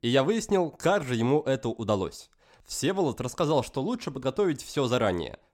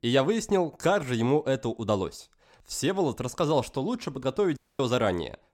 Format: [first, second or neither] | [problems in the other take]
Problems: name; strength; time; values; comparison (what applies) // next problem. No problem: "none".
first | audio cutting out; at 4.5 s